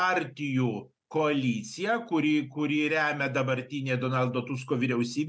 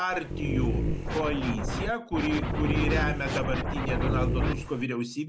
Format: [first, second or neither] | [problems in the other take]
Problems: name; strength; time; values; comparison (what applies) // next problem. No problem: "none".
first | background sound (Scratching (performance technique) + Dog); 2 dB above the speech